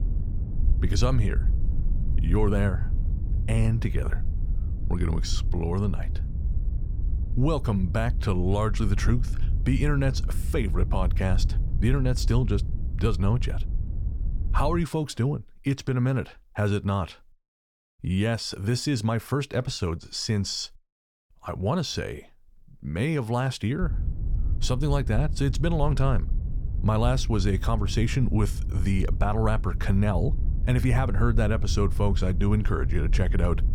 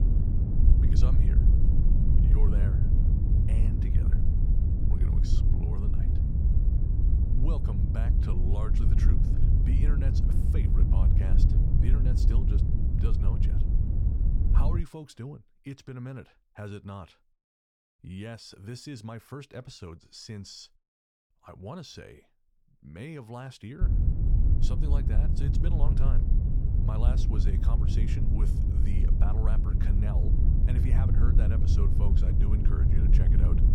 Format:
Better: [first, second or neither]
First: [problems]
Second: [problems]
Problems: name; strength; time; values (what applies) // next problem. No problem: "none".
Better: first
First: wind noise on the microphone; occasional gusts; until 15 s and from 24 s on; 15 dB below the speech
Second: wind noise on the microphone; heavy; until 15 s and from 24 s on; 2 dB above the speech